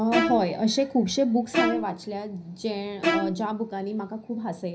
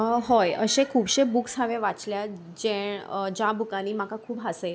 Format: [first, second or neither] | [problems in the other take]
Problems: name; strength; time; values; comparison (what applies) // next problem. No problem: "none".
second | background sound (Bowed string instrument); 3 dB below the speech // room echo; dies away in 0.5 s